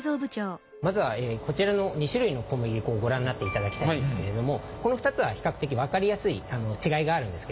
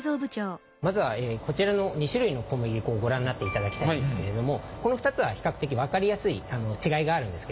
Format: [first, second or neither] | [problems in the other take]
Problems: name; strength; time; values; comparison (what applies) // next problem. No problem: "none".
second | background sound (Telephone); 19 dB below the speech